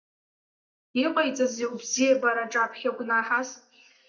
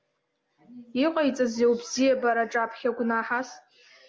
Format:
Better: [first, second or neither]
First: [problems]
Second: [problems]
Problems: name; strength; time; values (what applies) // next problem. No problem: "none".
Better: second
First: noise reduction (neural mask model DeepFilterNet 3)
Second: none